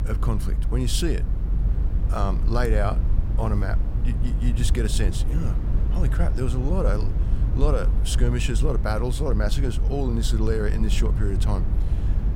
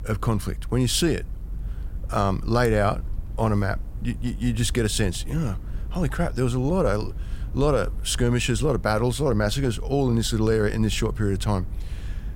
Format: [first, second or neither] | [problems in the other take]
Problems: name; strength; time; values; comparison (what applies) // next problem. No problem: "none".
second | low rumble; loud; throughout; 10 dB below the speech; faint in the second